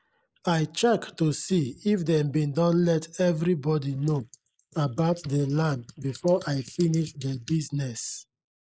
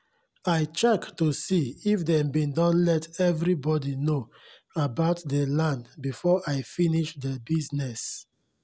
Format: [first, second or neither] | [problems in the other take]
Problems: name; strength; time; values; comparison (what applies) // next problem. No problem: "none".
second | noise reduction (neural mask model Resemble Enhance denoiser)